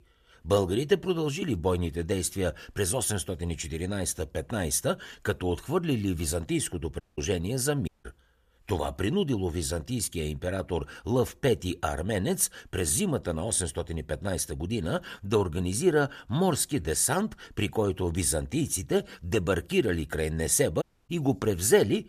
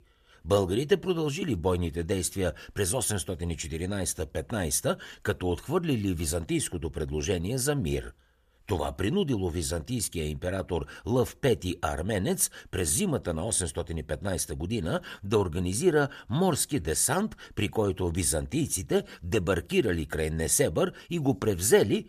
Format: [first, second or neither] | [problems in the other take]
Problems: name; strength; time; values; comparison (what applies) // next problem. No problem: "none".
second | audio cutting out; at 7 s, at 8 s and at 21 s